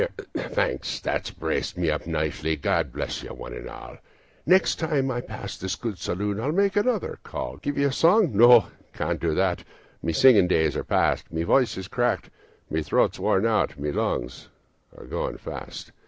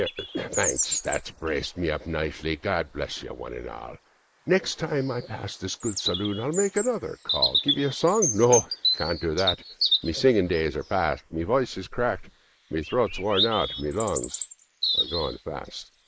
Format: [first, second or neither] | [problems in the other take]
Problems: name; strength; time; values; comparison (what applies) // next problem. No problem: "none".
first | noise reduction (neural mask model Resemble Enhance denoiser)